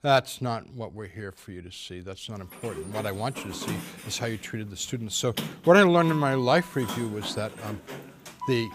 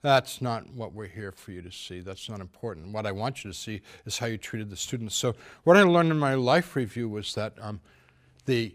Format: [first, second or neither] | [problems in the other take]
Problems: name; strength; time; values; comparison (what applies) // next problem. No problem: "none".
second | door banging; noticeable; from 2.5 s on; peak 8 dB below the speech